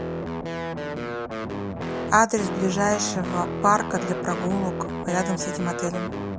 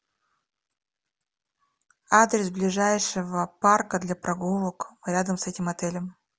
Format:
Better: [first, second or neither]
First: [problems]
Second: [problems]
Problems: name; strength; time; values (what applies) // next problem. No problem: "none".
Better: second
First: background sound (Guitar); 3 dB below the speech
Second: none